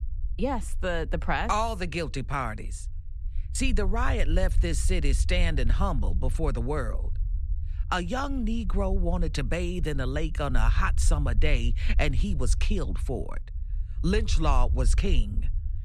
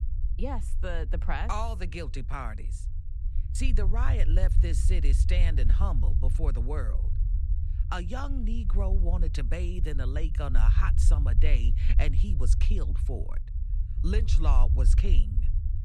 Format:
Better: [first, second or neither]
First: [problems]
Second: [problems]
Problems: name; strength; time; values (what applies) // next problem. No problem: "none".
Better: first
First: low rumble; faint; throughout; 20 dB below the speech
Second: low rumble; loud; throughout; 10 dB below the speech